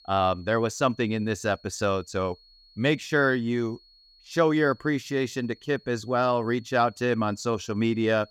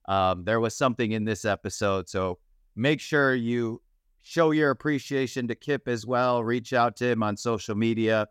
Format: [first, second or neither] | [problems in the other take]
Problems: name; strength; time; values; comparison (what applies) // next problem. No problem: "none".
second | high-pitched whine; faint; throughout; 4.5 kHz, 30 dB below the speech